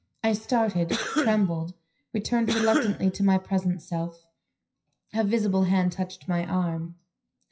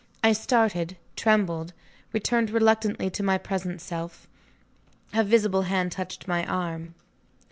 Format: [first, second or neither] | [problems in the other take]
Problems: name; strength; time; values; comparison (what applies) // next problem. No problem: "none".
second | noise reduction (classical method WPE with log-MMSE)